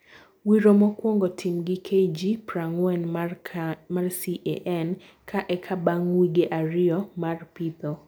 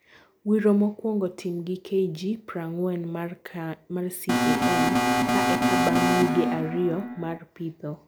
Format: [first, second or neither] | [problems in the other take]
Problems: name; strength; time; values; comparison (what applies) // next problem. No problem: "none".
first | background sound (Alarm); 4 dB above the speech